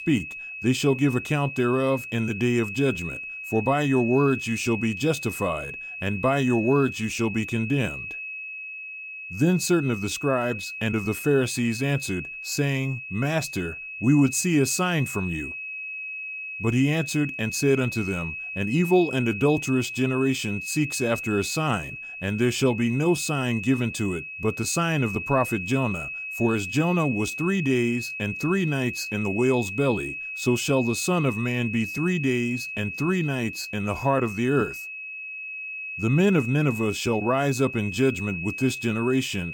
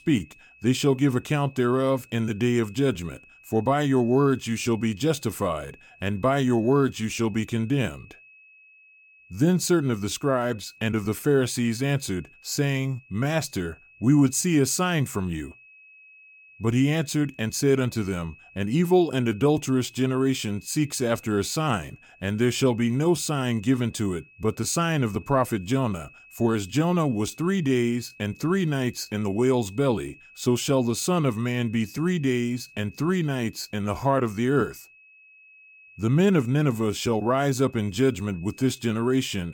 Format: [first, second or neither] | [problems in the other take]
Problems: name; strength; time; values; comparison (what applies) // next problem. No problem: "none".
second | high-pitched whine; loud; throughout; 2.5 kHz, 8 dB below the speech; faint in the second